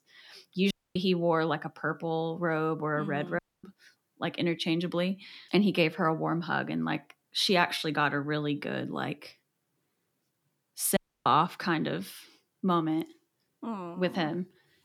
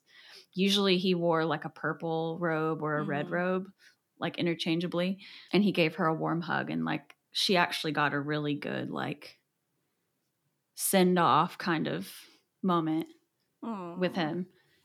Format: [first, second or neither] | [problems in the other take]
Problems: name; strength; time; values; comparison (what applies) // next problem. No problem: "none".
second | audio cutting out; at 0.5 s, at 3.5 s and at 11 s